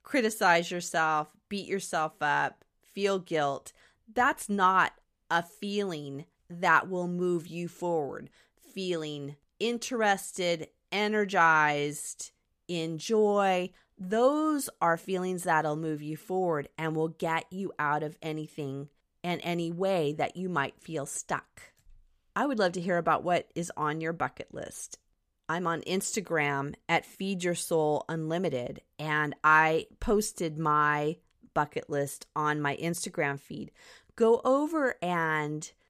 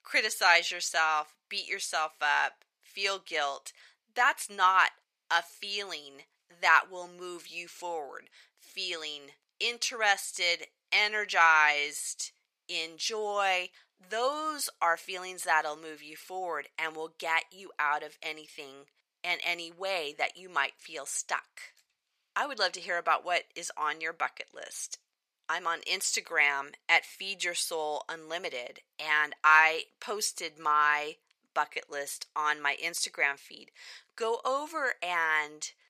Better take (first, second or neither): first